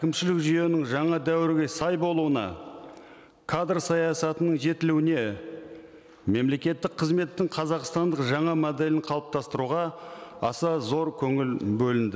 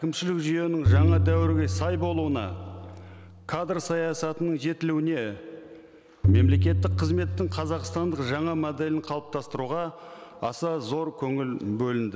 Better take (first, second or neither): first